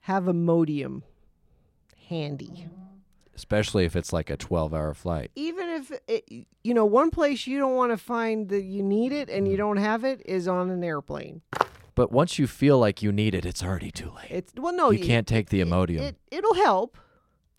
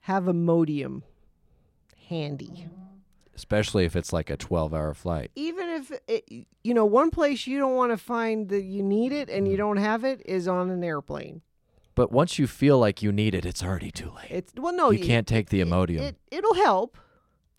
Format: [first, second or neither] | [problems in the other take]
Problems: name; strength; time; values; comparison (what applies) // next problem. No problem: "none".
second | footsteps; noticeable; at 12 s; peak 3 dB below the speech